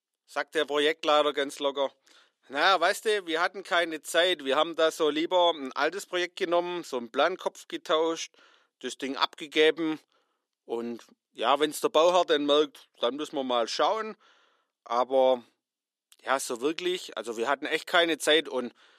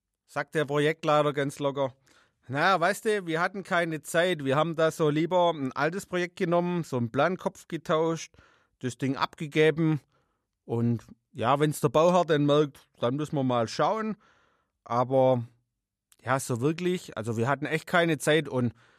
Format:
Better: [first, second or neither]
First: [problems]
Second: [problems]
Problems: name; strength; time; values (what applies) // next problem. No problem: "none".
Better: second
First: thin; somewhat; fading below 300 Hz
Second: none